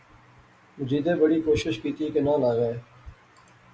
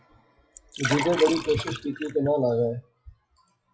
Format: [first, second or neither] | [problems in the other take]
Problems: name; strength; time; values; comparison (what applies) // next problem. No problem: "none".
first | noise reduction (classical method WPE with log-MMSE)